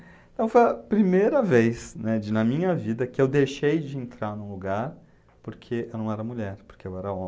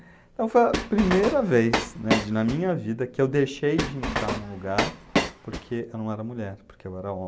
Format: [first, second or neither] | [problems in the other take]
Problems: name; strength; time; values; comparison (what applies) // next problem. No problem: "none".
first | background sound (Train); 3 dB below the speech